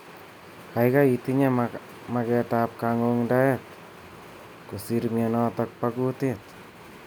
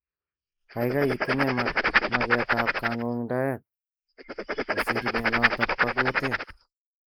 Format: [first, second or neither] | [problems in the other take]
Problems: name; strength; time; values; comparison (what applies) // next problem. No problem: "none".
first | noise reduction (neural mask model Resemble Enhance denoiser)